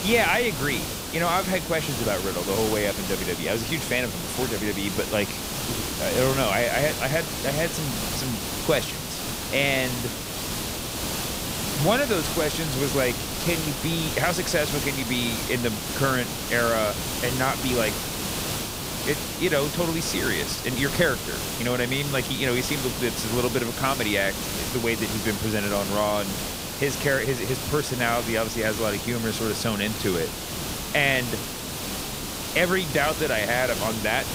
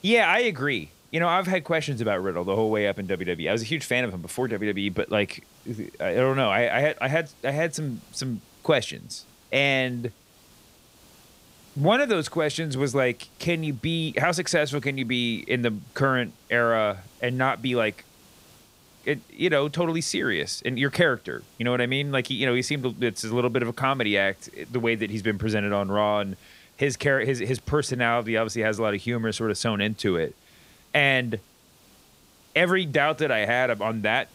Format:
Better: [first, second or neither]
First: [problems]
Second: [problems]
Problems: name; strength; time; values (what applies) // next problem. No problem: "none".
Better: second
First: hiss; loud; throughout; 3 dB below the speech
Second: hiss; faint; throughout; 30 dB below the speech